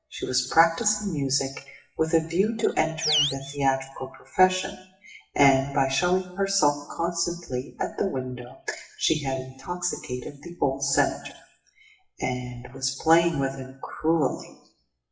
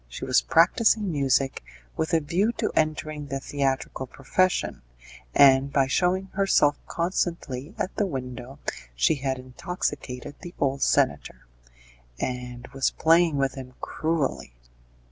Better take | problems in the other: second | noise reduction (classical method WPE with log-MMSE)

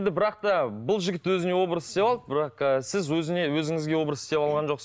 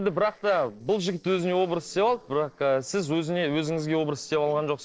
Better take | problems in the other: first | noise reduction (neural separator model SepFormer DNS4)

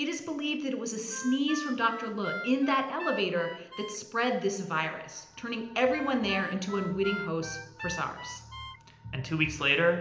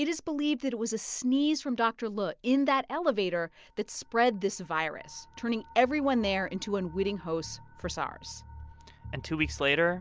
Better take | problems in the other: second | background sound (Harmonica); 11 dB below the speech // room echo; dies away in 0.8 s

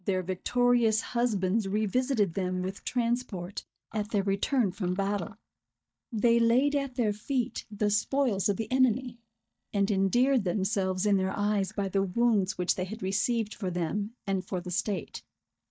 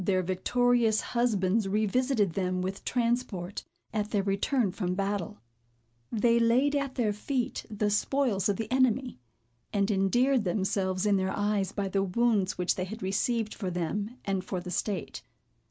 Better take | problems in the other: second | noise reduction (neural mask model DeepFilterNet 3)

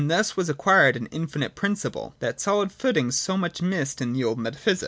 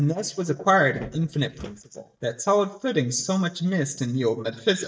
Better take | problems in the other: first | noise reduction (neural mask model DeepFilterNet 3)

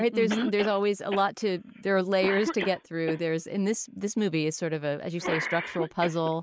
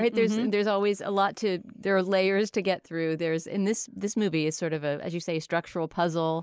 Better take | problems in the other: second | noise reduction (neural mask model RNNoise)

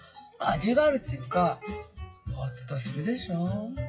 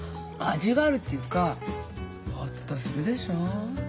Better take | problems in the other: second | noise reduction (classical method WPE with log-MMSE)

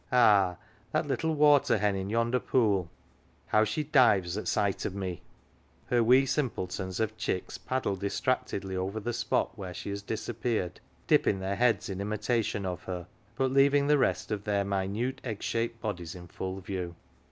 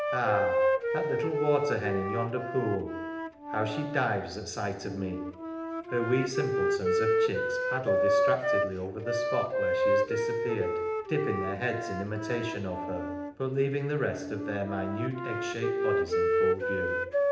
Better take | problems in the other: first | background sound (Wind instrument, woodwind instrument); 3 dB above the speech // room echo; dies away in 0.8 s

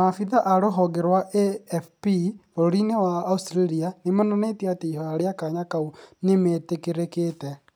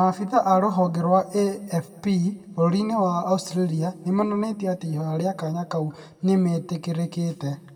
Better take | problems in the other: first | room echo; dies away in 1.5 s

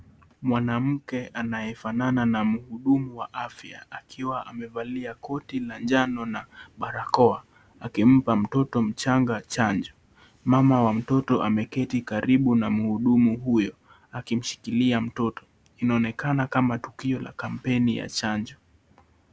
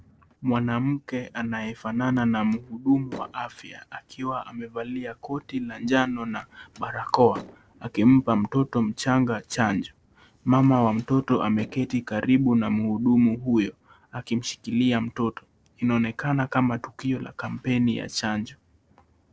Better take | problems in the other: first | noise reduction (neural separator model SepFormer DNS4)

